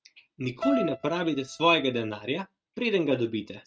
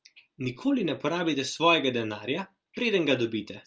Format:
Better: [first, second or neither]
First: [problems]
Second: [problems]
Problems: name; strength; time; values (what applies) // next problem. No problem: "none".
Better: second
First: noise reduction (neural mask model RNNoise)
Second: none